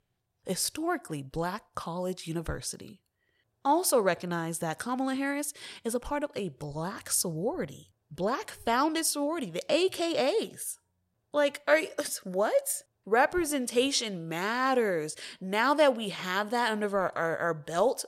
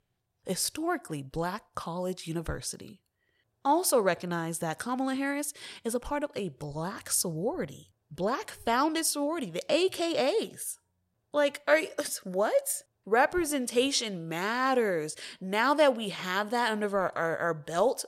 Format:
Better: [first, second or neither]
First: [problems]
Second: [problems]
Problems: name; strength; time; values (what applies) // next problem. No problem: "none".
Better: neither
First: none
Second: none